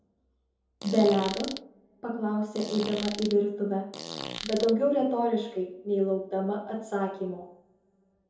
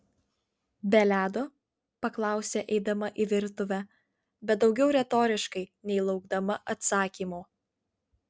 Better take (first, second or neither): second